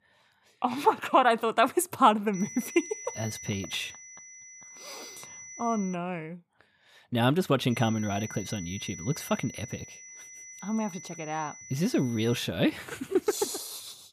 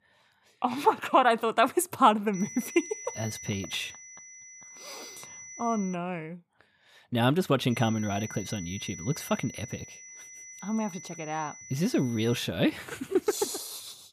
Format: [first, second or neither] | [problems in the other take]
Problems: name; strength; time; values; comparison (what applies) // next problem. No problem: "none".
neither | high-pitched whine; noticeable; from 2.5 to 6 s and from 7.5 to 12 s; 6 kHz, 15 dB below the speech; the same in both